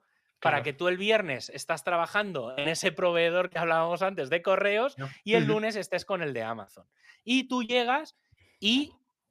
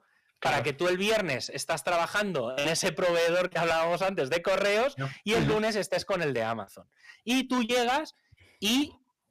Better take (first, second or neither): first